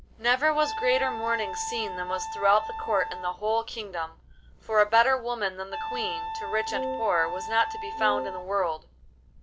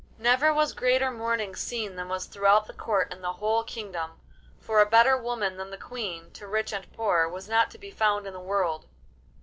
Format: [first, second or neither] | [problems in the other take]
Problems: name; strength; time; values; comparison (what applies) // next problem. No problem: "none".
second | background sound (Wind instrument, woodwind instrument + Wind instrument, woodwind instrument); 7 dB below the speech